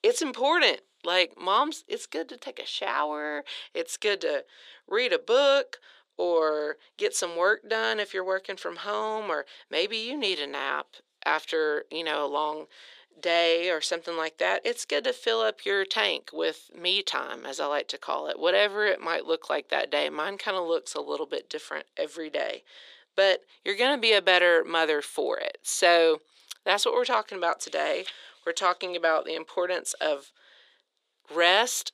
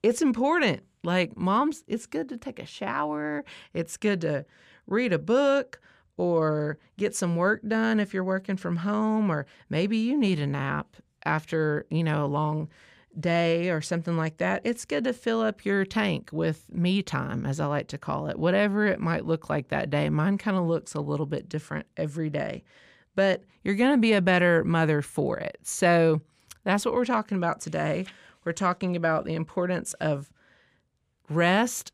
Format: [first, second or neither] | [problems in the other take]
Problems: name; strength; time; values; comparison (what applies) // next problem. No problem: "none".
second | thin; very; fading below 350 Hz